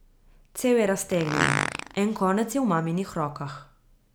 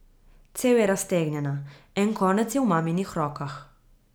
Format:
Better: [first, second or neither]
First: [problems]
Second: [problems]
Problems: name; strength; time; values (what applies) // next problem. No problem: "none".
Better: second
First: background sound (Fart); 3 dB below the speech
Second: none